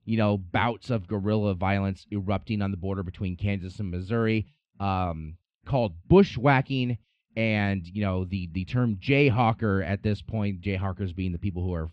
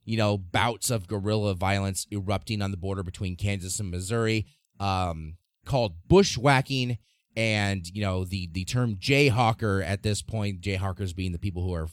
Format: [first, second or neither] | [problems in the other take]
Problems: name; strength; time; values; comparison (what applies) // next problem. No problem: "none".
second | muffled; slightly; fading above 3 kHz